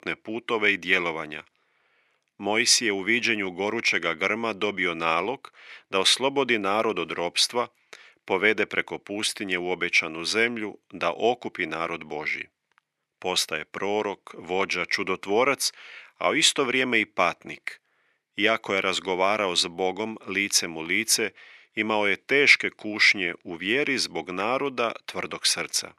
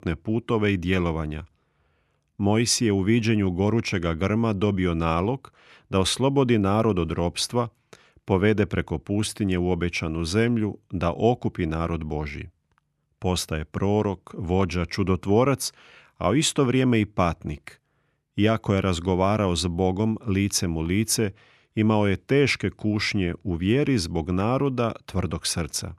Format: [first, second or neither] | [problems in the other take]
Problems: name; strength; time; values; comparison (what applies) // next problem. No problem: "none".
second | thin; somewhat; fading below 400 Hz